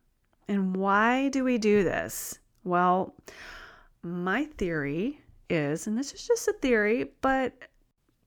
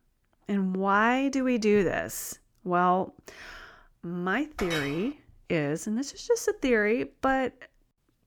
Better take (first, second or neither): first